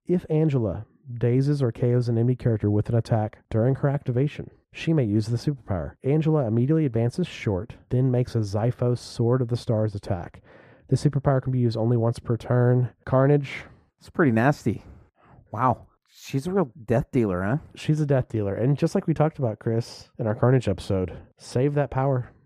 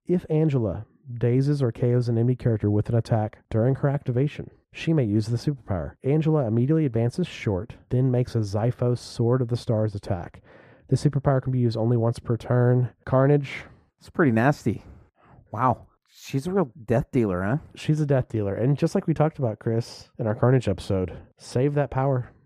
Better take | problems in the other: neither | muffled; very; fading above 2 kHz; the same in both

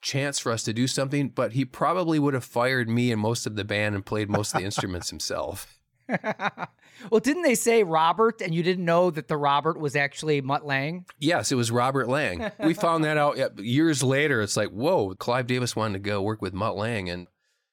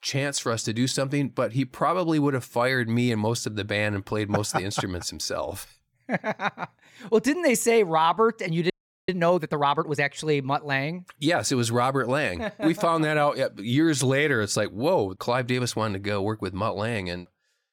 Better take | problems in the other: first | audio freezing; at 8.5 s

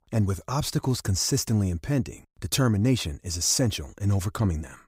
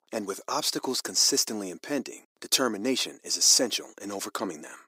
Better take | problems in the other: first | thin; somewhat; fading below 300 Hz

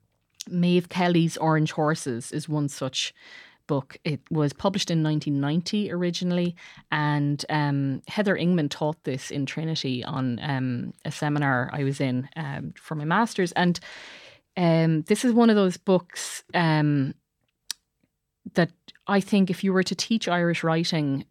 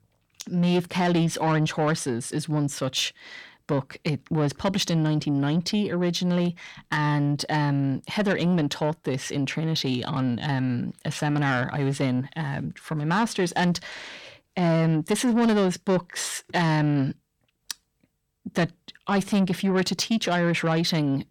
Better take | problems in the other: first | distortion; slight; 10 dB below the speech

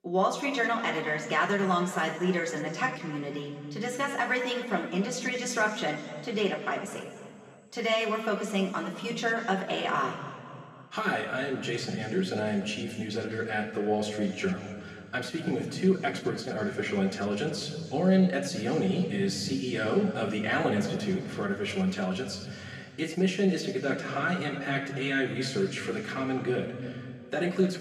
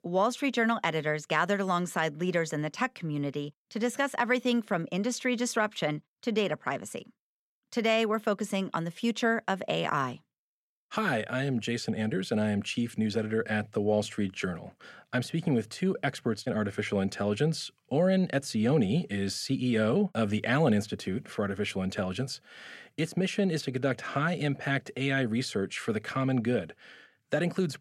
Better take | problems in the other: second | room echo; noticeable; dies away in 2 s // off-mic speech; somewhat distant

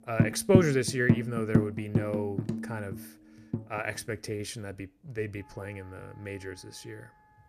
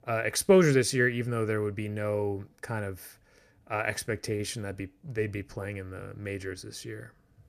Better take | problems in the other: second | background music; very loud; throughout; 2 dB above the speech

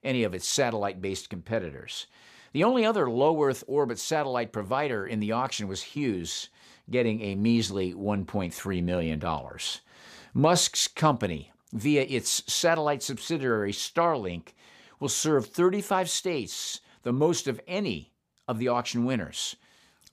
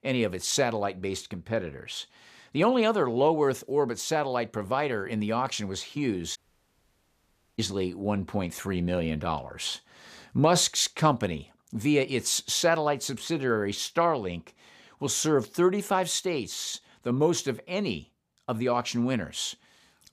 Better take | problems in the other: first | audio cutting out; at 6.5 s for 1 s

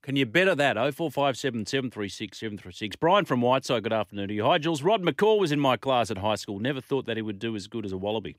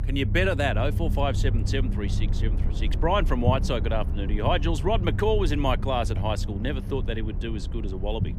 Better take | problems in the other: first | low rumble; noticeable; throughout; 15 dB below the speech

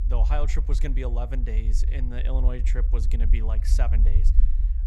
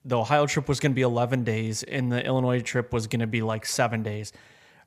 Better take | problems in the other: second | low rumble; loud; throughout; 9 dB below the speech

